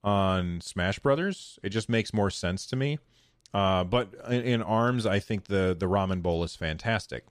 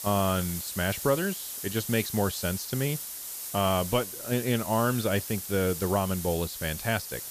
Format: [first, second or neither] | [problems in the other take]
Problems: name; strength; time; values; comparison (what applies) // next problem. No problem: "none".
first | hiss; loud; throughout; 6 dB below the speech